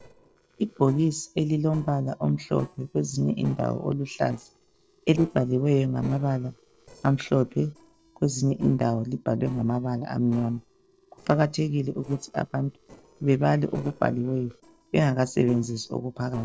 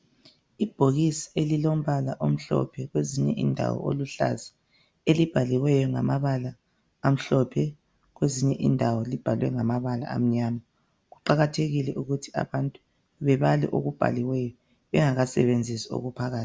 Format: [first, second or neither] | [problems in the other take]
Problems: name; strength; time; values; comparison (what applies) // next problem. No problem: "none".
second | noise reduction (neural separator model SepFormer DNS4)